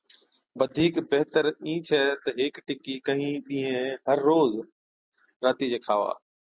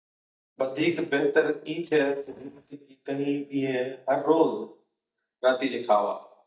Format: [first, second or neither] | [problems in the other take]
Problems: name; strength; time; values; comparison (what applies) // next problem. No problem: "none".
first | noise reduction (neural mask model DeepFilterNet 3)